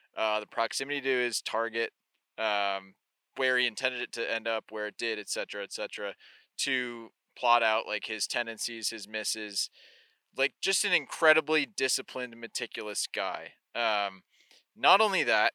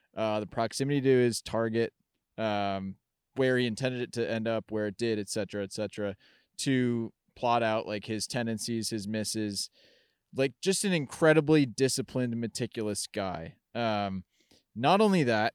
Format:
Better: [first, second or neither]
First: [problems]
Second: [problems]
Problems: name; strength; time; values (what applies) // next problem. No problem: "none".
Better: second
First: thin; very; fading below 550 Hz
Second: none